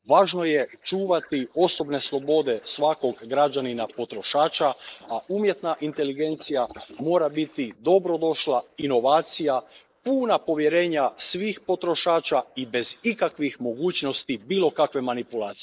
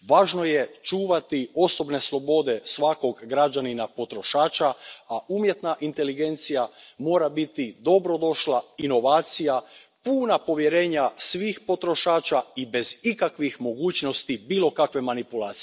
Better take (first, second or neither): second